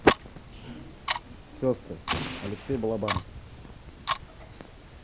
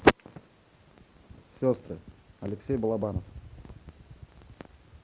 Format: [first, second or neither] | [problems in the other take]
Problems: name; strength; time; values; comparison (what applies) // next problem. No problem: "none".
second | background sound (Explosion + Clock); 5 dB below the speech